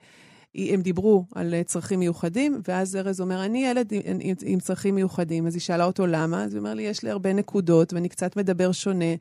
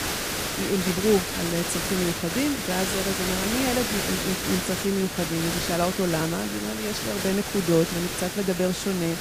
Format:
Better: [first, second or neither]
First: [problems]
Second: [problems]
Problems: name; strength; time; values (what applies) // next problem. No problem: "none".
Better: first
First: none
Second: hiss; loud; throughout; 1 dB below the speech